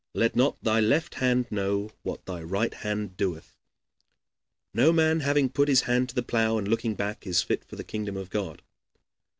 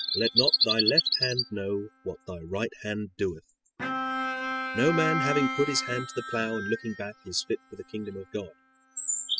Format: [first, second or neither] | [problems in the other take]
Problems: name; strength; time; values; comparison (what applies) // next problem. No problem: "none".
first | noise reduction (classical method spectral subtraction)